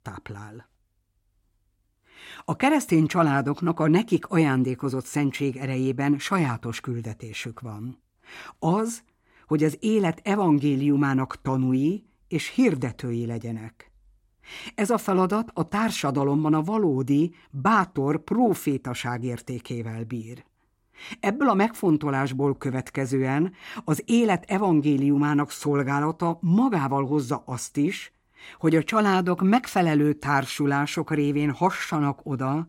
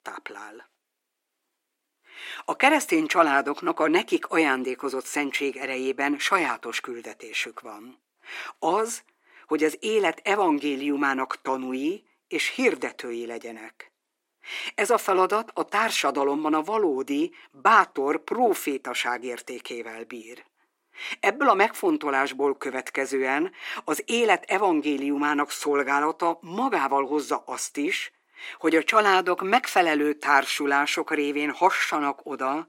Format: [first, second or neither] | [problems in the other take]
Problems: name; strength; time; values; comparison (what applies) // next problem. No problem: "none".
first | thin; somewhat; fading below 350 Hz